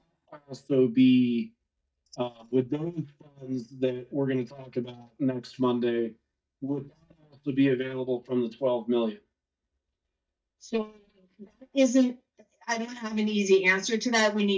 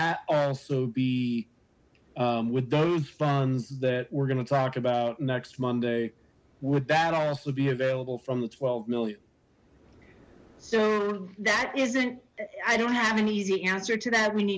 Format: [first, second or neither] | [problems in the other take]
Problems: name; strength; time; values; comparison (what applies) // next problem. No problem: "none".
second | noise reduction (neural mask model DeepFilterNet 3)